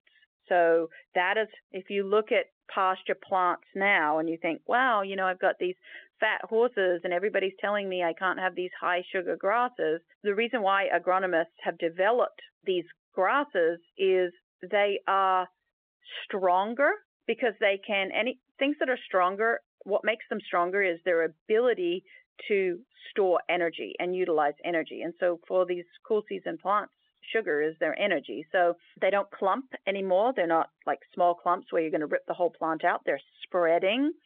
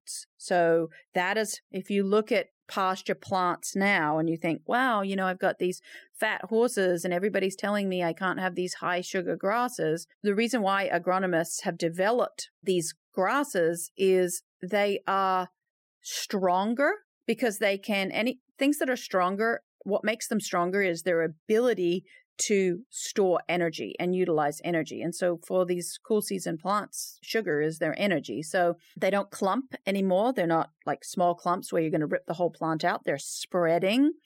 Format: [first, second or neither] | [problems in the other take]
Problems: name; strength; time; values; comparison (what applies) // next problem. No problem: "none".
second | phone-call audio